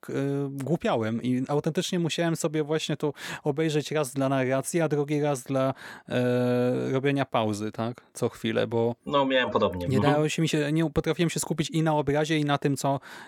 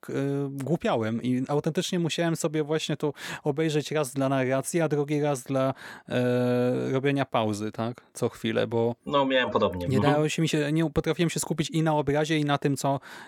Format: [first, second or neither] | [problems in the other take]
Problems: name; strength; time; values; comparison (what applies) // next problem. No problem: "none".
neither | none